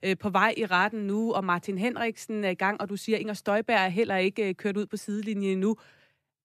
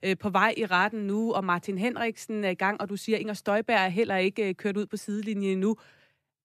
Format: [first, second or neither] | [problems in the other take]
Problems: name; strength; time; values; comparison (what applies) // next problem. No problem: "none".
neither | none